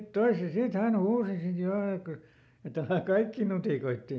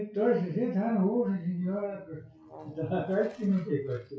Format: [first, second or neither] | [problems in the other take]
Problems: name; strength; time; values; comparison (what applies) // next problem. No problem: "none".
first | noise reduction (classical method WPE with log-MMSE)